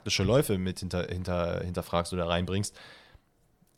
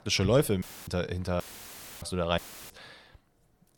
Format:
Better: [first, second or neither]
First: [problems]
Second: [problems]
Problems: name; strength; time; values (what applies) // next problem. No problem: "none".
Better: first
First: none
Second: audio cutting out; filled with static; at 0.5 s, at 1.5 s for 0.5 s and at 2.5 s